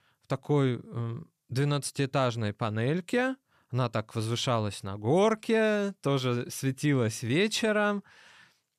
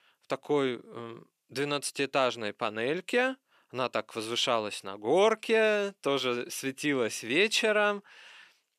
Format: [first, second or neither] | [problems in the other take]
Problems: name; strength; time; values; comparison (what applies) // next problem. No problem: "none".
first | thin; somewhat; fading below 350 Hz